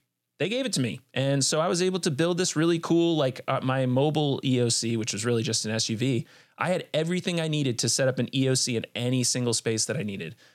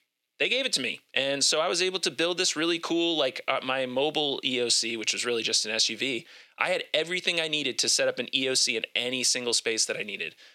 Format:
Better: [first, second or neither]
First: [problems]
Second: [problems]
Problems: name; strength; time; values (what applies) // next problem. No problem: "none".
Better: first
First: none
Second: thin; somewhat; fading below 400 Hz